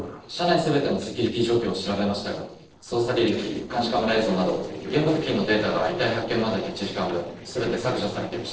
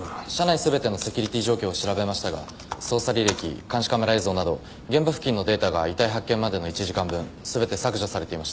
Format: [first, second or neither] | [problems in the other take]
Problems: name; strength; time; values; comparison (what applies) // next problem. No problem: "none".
second | noise reduction (neural separator model SepFormer DNS4)